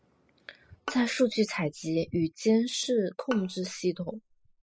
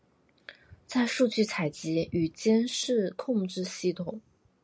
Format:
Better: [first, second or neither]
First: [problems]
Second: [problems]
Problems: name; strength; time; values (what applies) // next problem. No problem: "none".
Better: second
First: noise reduction (classical method spectral subtraction)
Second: none